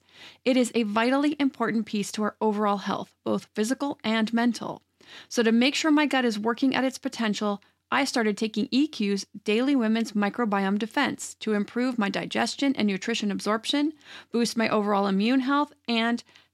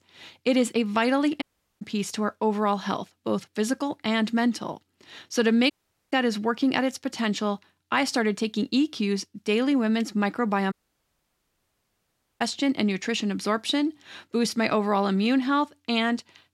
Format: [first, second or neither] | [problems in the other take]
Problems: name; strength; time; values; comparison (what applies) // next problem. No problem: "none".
first | audio cutting out; at 1.5 s, at 5.5 s and at 11 s for 1.5 s